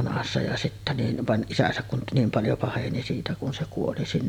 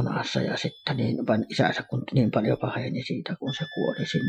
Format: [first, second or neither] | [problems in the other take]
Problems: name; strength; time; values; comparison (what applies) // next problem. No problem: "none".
first | noise reduction (classical method Wiener filter)